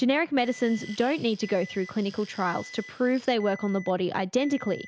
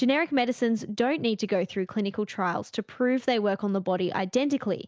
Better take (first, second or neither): second